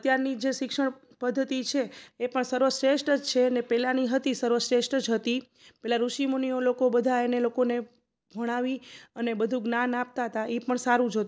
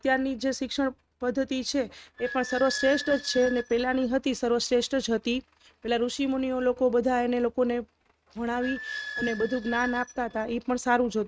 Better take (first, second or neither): first